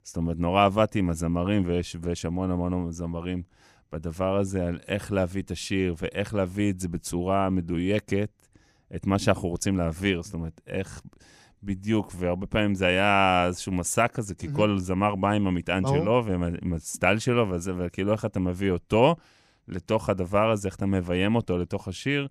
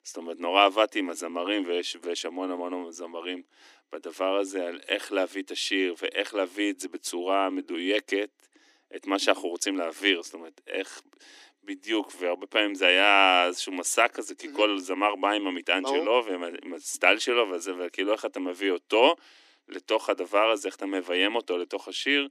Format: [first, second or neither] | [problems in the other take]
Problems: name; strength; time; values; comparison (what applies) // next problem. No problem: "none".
first | thin; somewhat; fading below 300 Hz